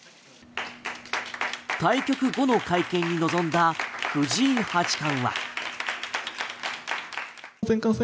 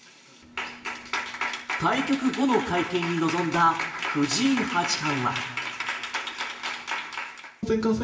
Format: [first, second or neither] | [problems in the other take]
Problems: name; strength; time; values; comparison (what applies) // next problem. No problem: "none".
first | room echo; dies away in 0.9 s